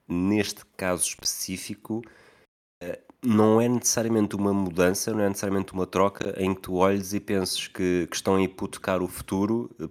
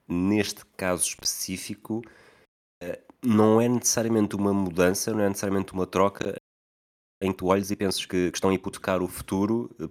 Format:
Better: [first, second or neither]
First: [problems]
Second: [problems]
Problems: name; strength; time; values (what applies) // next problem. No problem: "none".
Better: first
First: none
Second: audio freezing; at 6.5 s for 1 s